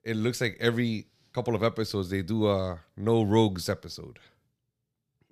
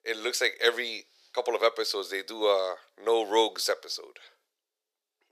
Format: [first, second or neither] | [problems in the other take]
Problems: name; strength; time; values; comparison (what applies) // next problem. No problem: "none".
first | thin; very; fading below 450 Hz